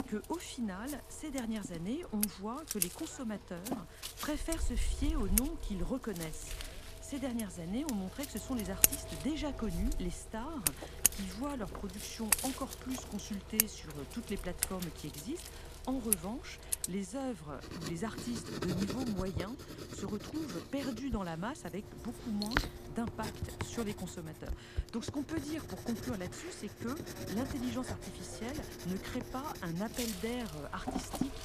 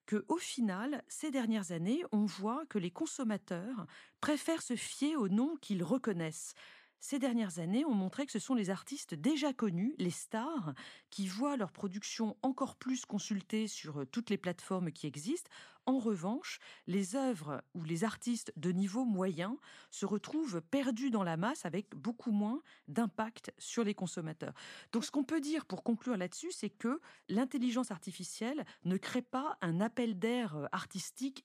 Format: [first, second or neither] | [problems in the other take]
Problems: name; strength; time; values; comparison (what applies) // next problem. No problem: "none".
second | household noises; very loud; throughout; 2 dB above the speech